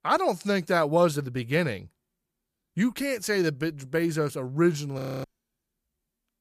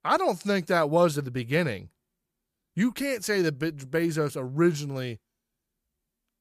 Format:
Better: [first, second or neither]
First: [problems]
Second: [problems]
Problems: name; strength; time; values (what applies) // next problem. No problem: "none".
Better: second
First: audio freezing; at 5 s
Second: none